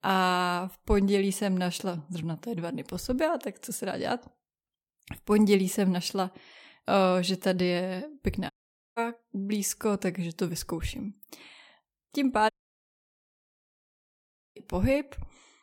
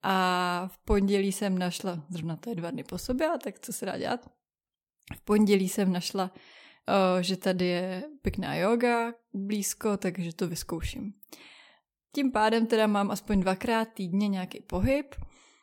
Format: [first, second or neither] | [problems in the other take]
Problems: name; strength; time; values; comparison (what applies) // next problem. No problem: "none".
second | audio cutting out; at 8.5 s and at 13 s for 2 s